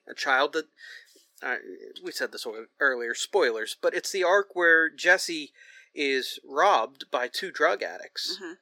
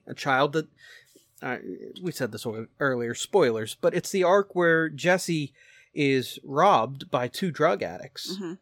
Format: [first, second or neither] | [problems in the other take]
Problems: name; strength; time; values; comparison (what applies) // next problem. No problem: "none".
second | thin; somewhat; fading below 350 Hz